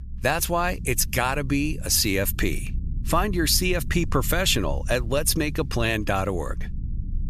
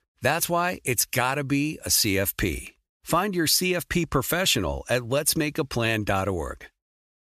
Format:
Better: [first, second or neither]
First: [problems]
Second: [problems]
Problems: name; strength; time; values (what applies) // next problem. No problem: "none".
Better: second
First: low rumble; faint; throughout; 25 dB below the speech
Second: none